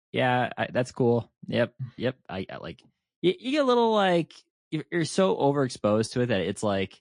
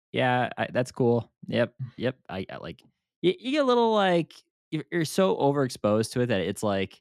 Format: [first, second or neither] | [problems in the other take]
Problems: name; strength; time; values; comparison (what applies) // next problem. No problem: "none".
second | garbled, watery; slightly; nothing above 9 kHz